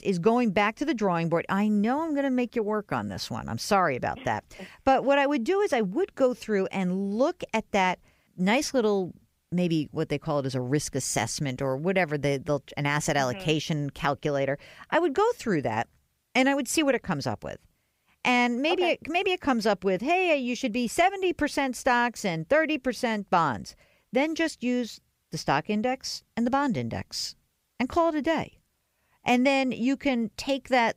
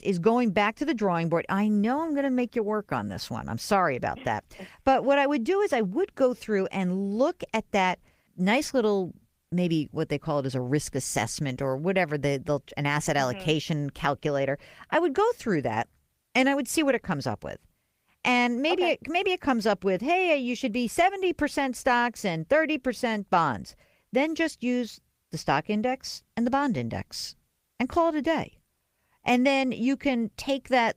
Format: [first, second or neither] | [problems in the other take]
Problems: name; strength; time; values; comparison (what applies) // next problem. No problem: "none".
first | garbled, watery; slightly; nothing above 15.5 kHz